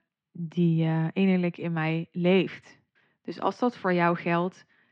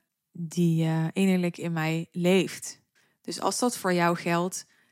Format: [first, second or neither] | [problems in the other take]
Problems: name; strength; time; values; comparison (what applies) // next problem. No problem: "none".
second | muffled; very; fading above 3.5 kHz